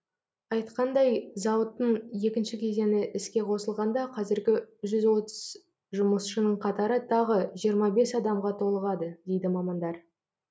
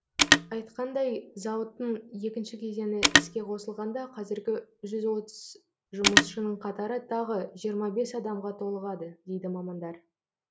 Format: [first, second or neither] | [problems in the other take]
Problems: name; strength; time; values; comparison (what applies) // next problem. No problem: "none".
first | background sound (Telephone); 3 dB above the speech